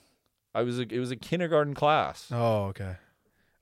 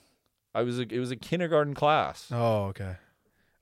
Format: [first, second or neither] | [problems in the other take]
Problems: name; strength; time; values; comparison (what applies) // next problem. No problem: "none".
neither | none